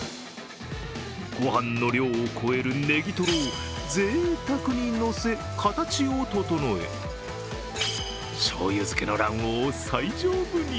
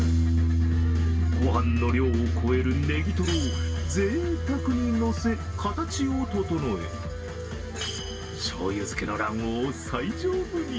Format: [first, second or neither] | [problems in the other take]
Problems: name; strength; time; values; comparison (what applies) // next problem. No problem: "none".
first | background sound (Piano); 1 dB above the speech // room echo; dies away in 0.1 s